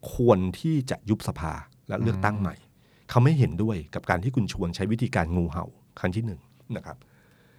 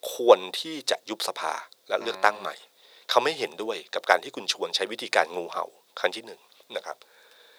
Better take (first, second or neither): first